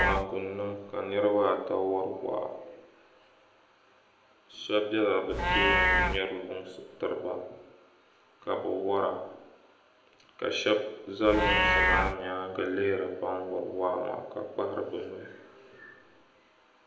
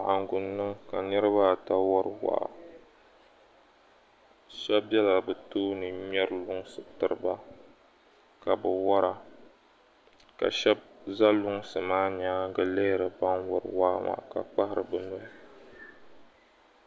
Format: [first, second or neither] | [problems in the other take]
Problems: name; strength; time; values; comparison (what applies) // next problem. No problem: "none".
second | background sound (Livestock, farm animals, working animals); 2 dB below the speech // room echo; dies away in 0.7 s